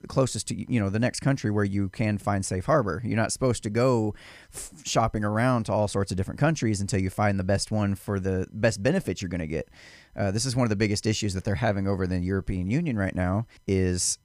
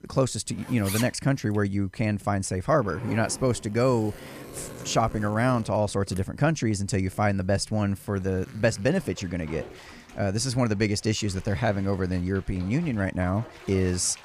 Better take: first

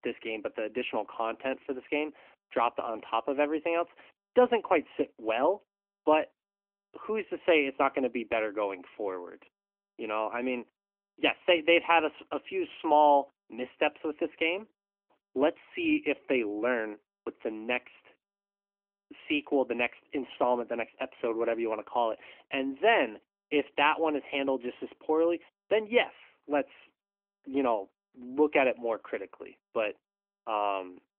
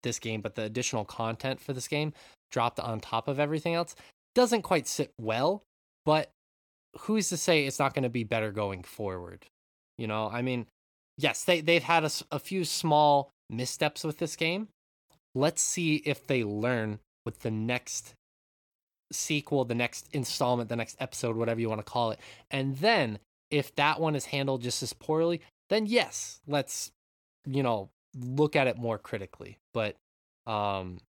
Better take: second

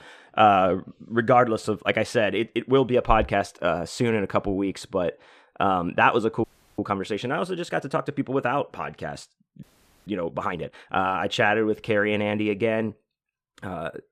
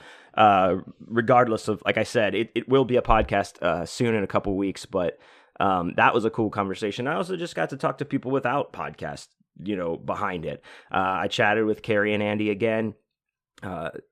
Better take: second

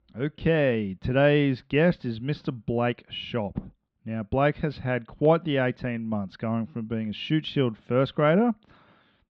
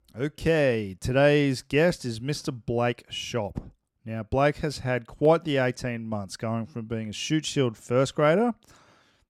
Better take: second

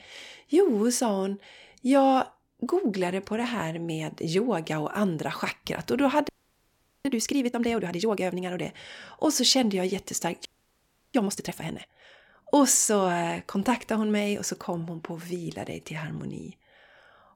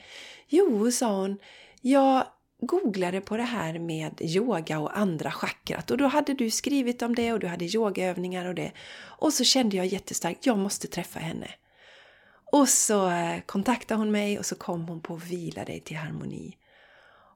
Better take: second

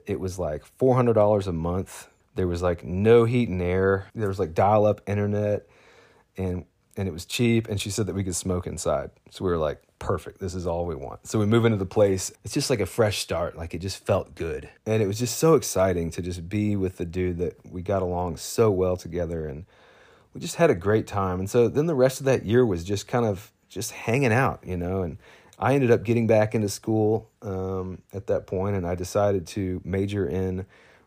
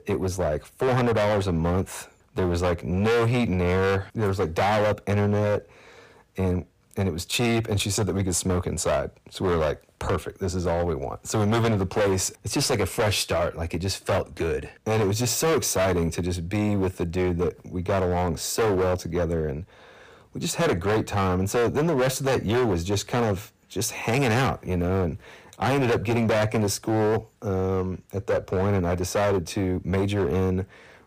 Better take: first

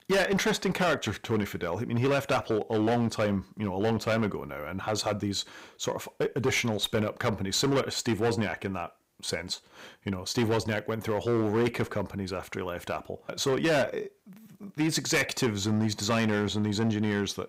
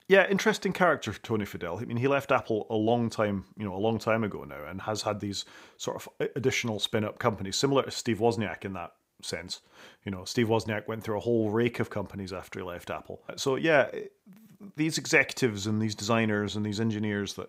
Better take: second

